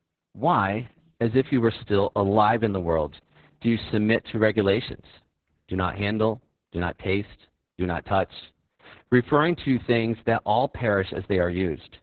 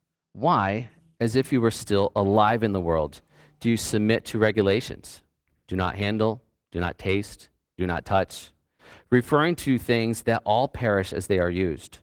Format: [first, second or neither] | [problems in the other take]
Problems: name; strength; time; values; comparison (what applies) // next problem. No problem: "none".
second | garbled, watery; badly; nothing above 4 kHz; slightly in the second